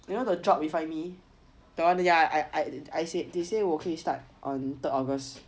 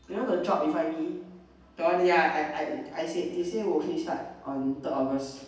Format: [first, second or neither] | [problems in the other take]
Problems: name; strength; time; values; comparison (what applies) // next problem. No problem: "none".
first | room echo; dies away in 0.9 s